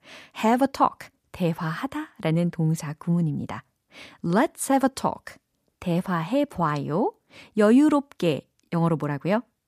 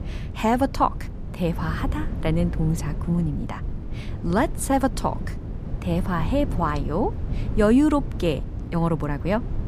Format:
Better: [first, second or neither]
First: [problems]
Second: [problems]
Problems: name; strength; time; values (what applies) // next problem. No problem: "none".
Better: first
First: none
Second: low rumble; noticeable; throughout; 15 dB below the speech